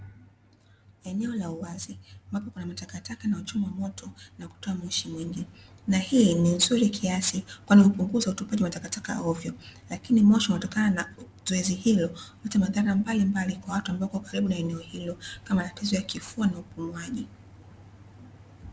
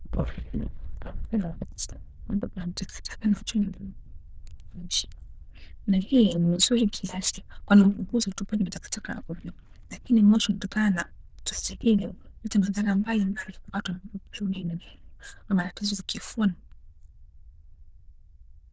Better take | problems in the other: first | noise reduction (neural diffusion model UNIVERSE++)

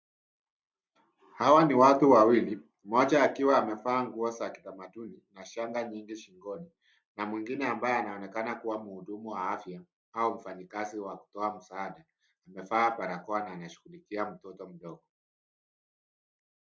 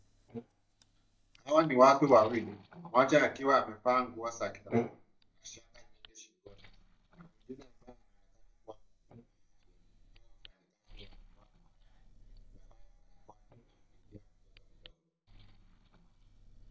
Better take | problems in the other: first | noise reduction (neural mask model DeepFilterNet 3)

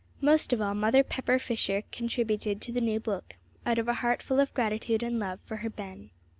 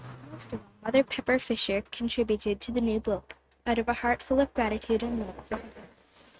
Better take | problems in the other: first | noise reduction (neural mask model RNNoise)

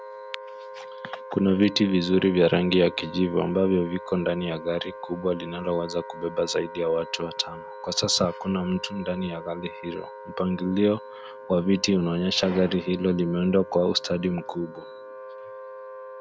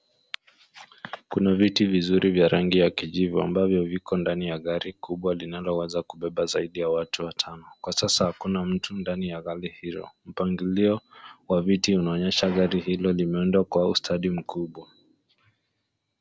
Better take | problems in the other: second | background sound (Wind instrument, woodwind instrument); 14 dB below the speech

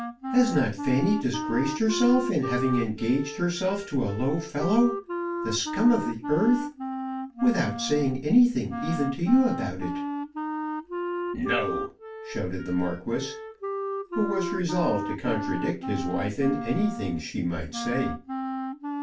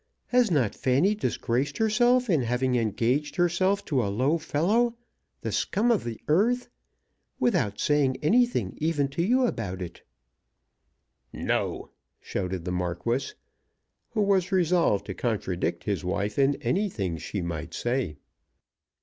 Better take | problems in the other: second | background sound (Wind instrument, woodwind instrument); 6 dB below the speech // room echo; dies away in 0.2 s

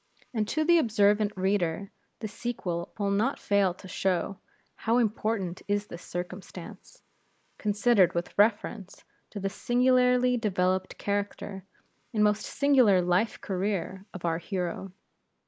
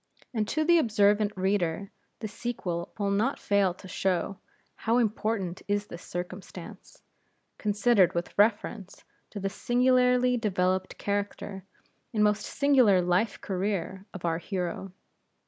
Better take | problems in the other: second | noise reduction (neural mask model Resemble Enhance denoiser)

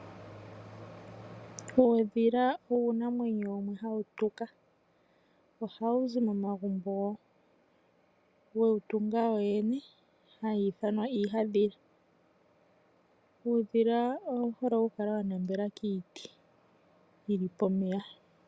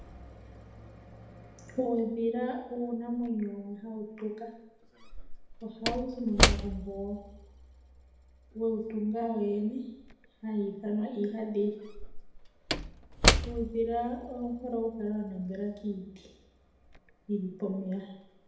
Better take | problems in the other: first | background sound (Slam / Wood); 1 dB below the speech // room echo; dies away in 0.8 s

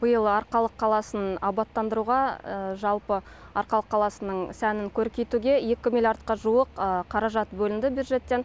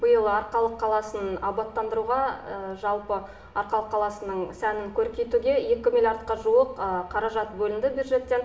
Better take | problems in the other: first | room echo; dies away in 1.3 s

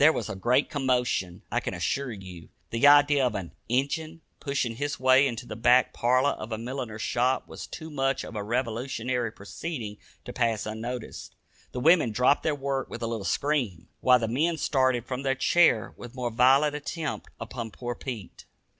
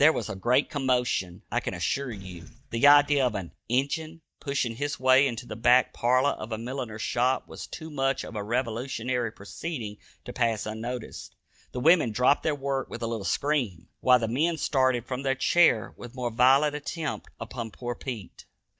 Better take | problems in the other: first | noise reduction (neural mask model DeepFilterNet 3)

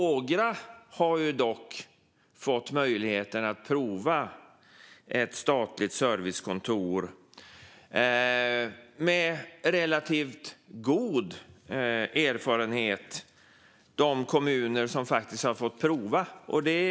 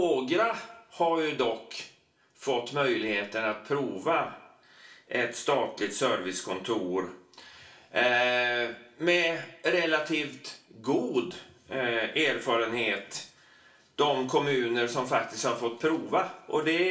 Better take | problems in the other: first | room echo; dies away in 0.3 s

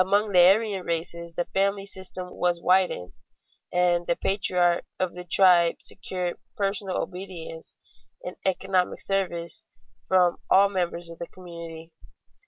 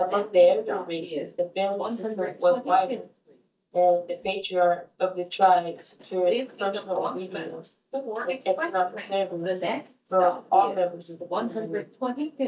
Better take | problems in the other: first | noise reduction (neural mask model DeepFilterNet 3)

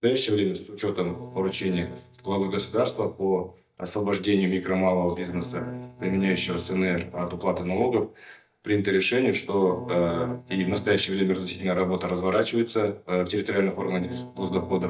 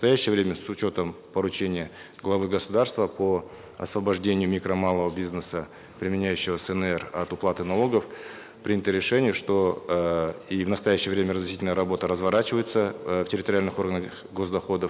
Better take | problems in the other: second | noise reduction (neural mask model DeepFilterNet 3)

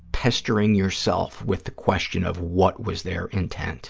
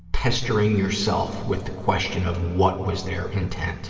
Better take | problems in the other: first | room echo; dies away in 2.6 s

